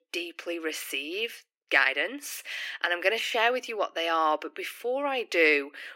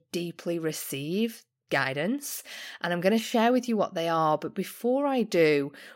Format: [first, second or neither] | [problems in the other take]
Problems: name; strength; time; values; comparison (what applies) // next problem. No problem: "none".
second | thin; very; fading below 300 Hz